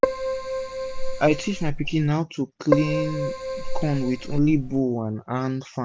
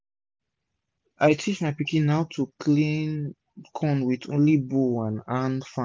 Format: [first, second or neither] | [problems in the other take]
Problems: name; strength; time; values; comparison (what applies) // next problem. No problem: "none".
second | background sound (Keyboard (musical)); 1 dB below the speech